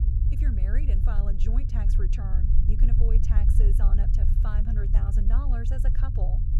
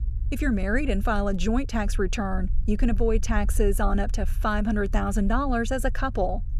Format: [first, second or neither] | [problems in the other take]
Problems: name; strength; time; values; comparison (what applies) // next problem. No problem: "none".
second | low rumble; loud; throughout; 1 dB below the speech; faint in the second